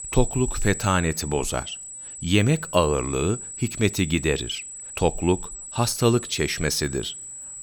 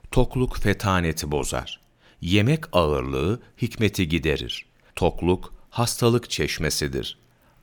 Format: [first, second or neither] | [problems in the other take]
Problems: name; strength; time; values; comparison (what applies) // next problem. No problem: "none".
second | high-pitched whine; loud; throughout; 8 kHz, 10 dB below the speech